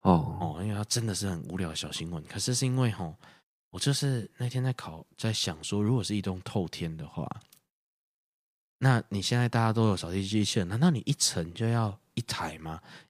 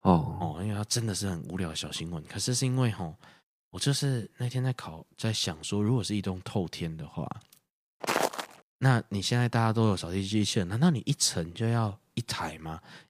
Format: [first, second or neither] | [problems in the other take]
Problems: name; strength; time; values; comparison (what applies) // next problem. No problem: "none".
first | footsteps; loud; at 8 s; peak 1 dB above the speech